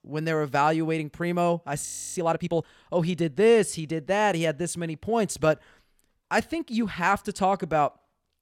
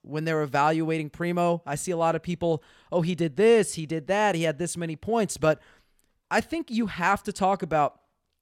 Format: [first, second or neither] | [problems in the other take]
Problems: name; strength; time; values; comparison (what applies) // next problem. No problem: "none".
second | audio freezing; at 2 s